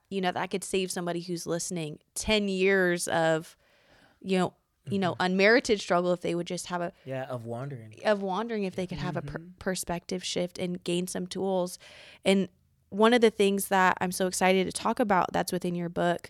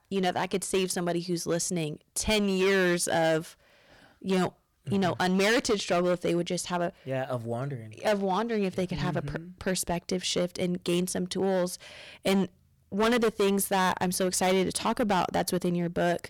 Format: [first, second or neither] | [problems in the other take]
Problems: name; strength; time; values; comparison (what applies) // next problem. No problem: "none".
first | distortion; heavy; 10% of the sound clipped